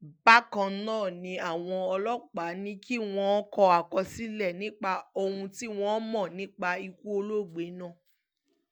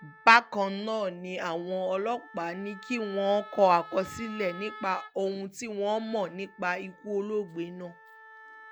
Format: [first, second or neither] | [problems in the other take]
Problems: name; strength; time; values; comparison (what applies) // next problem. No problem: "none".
first | background sound (Wind instrument, woodwind instrument); 19 dB below the speech